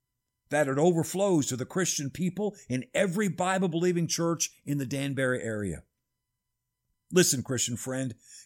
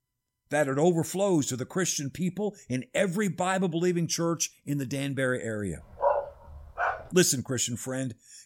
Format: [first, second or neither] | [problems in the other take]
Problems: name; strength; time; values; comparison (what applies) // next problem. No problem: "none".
first | dog barking; loud; at 6 s; peak level with the speech